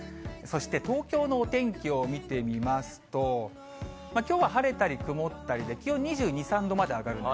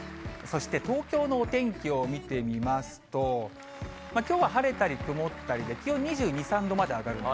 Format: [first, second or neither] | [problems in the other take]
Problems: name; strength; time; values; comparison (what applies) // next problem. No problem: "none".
first | background sound (Applause / Crowd); 19 dB below the speech